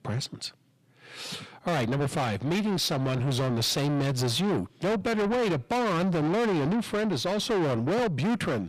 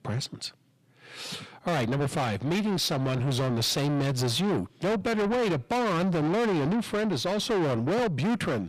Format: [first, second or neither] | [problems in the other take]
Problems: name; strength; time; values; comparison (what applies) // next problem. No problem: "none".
neither | distortion; heavy; 6 dB below the speech; the same in both